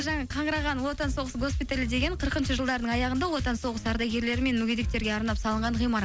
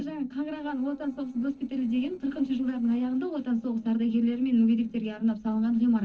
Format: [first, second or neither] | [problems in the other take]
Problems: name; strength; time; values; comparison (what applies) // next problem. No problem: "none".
first | noise reduction (neural separator model SepFormer DNS4)